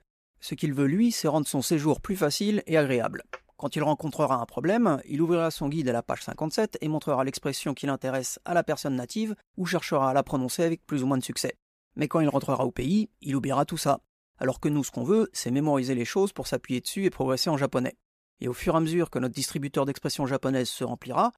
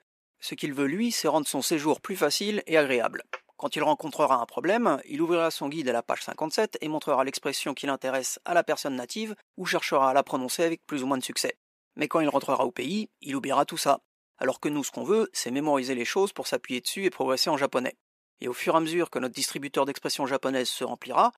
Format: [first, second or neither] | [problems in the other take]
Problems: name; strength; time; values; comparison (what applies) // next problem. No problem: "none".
first | thin; very slightly; fading below 300 Hz